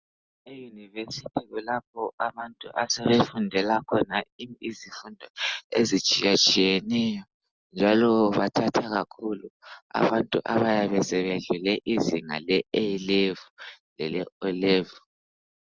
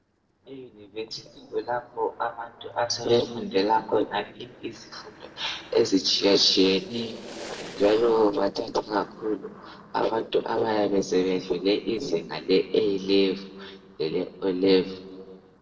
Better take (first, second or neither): first